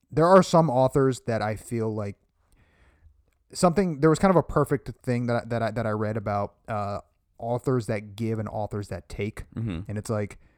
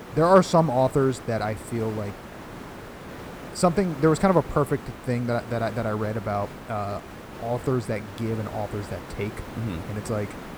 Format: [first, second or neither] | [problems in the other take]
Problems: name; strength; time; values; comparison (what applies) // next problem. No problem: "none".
first | hiss; noticeable; throughout; 15 dB below the speech